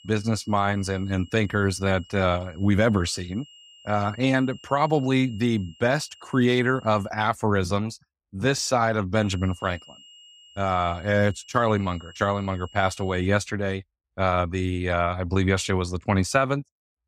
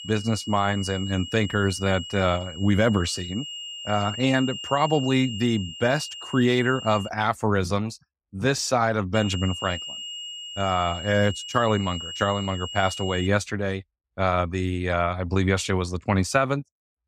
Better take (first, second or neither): first